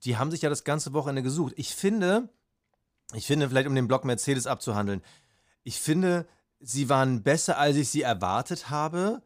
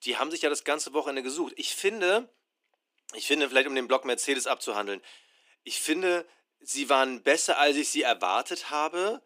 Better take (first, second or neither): first